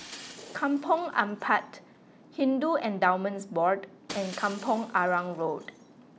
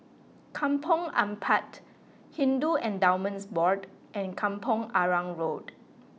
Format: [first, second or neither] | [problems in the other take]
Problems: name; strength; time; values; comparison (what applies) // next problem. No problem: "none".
second | background sound (Shatter); 19 dB below the speech